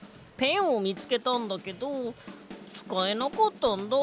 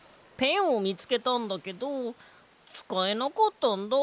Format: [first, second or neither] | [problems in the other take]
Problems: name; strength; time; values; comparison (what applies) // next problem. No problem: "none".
second | background sound (Drum kit); 18 dB below the speech